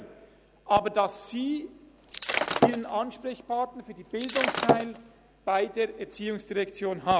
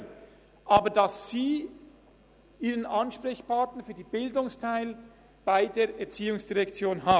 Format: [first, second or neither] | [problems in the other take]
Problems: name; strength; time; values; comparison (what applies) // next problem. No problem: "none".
second | background sound (Shatter); 2 dB above the speech